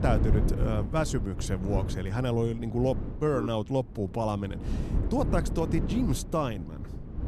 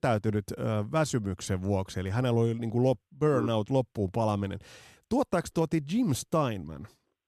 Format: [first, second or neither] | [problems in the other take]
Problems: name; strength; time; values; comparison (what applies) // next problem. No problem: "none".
second | wind noise on the microphone; occasional gusts; 10 dB below the speech